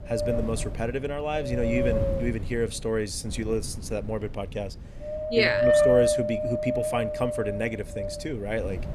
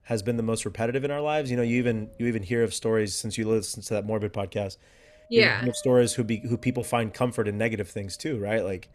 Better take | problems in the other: second | wind noise on the microphone; heavy; 4 dB above the speech; occasional gusts in the second

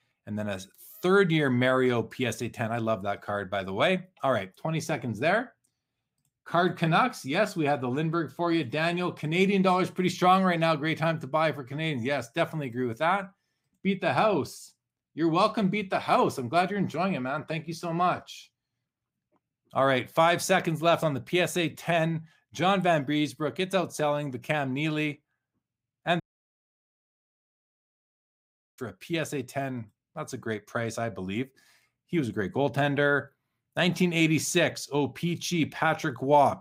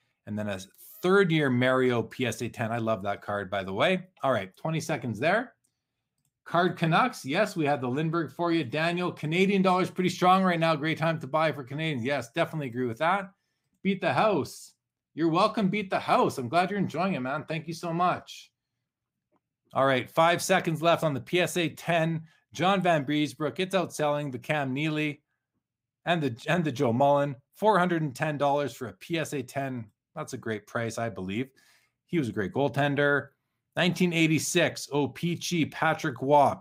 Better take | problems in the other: second | audio cutting out; at 26 s for 2.5 s

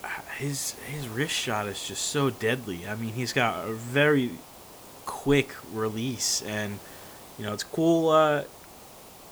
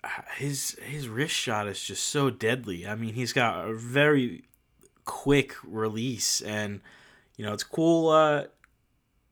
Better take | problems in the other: second | hiss; noticeable; throughout; 20 dB below the speech

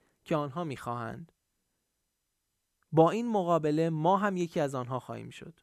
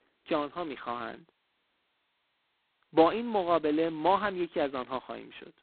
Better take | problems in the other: first | phone-call audio; poor line; nothing above 4 kHz

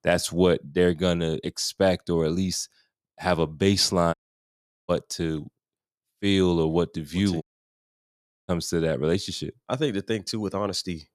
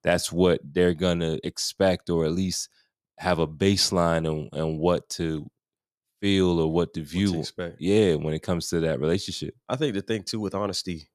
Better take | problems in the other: second | audio cutting out; at 4 s for 0.5 s and at 7.5 s for 1 s

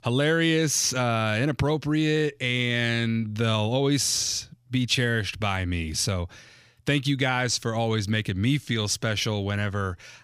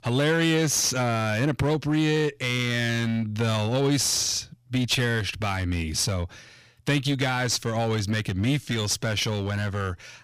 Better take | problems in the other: first | distortion; slight; 9% of the sound clipped

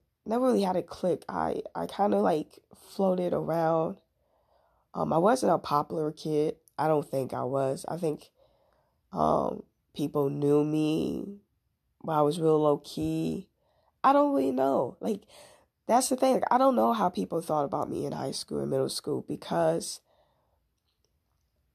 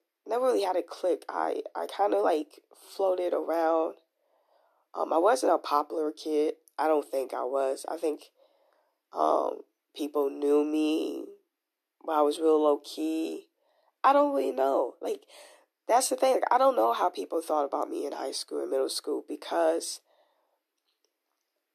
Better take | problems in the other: first | thin; somewhat; fading below 300 Hz

